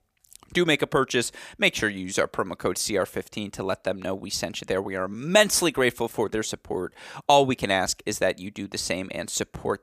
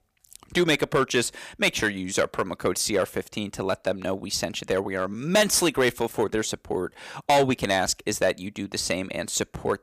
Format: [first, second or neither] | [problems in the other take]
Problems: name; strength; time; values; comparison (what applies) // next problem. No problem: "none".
first | distortion; slight; 2% of the sound clipped